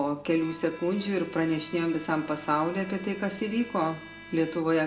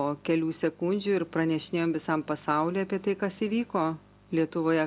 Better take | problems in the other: second | background sound (Bowed string instrument); 18 dB below the speech // room echo; dies away in 0.8 s

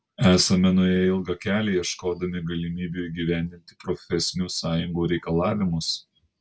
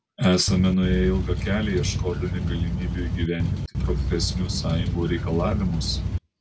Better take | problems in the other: first | background sound (Boat, Water vehicle); as loud as the speech

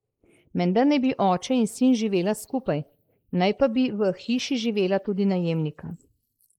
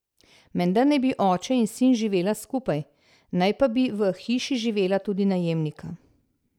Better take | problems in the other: second | noise reduction (neural mask model Resemble Enhance denoiser)

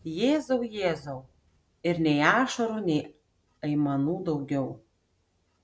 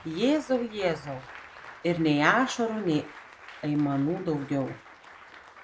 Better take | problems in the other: first | background sound (Applause); 19 dB below the speech

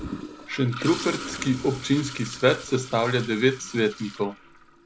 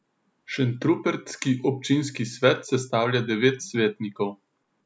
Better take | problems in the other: second | background sound (Toilet flush); 13 dB below the speech

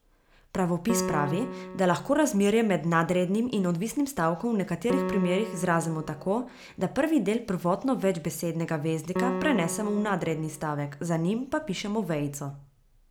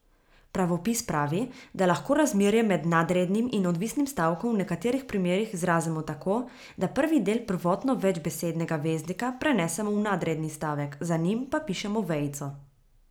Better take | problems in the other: second | background sound (Piano); 9 dB below the speech

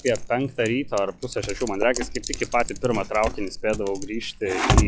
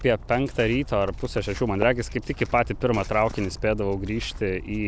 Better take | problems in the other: second | noise reduction (classical method log-MMSE)

